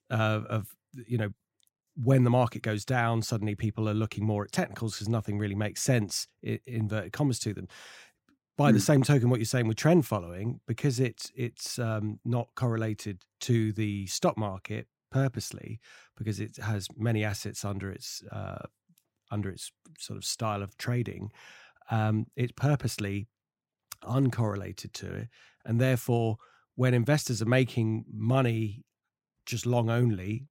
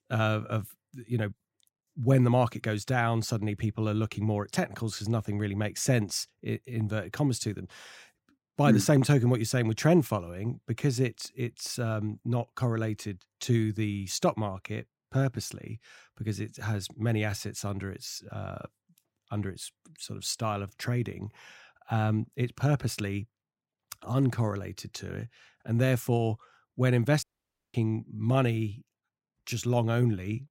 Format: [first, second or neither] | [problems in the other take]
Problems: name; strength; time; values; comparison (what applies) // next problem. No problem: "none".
first | audio cutting out; at 27 s for 0.5 s